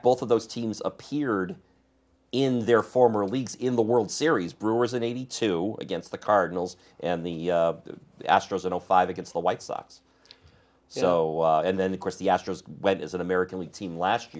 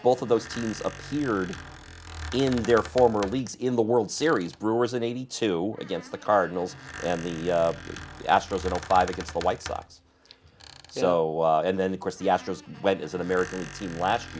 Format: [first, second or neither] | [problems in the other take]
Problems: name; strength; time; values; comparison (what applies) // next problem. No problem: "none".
first | background sound (Squeak); 16 dB below the speech